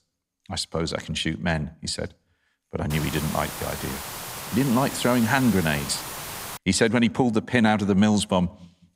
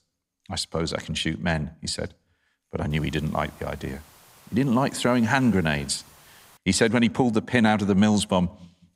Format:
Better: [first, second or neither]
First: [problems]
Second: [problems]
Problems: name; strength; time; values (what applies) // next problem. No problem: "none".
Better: second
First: hiss; loud; from 3 to 6.5 s; 9 dB below the speech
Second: hiss; faint; from 3 to 6.5 s; 25 dB below the speech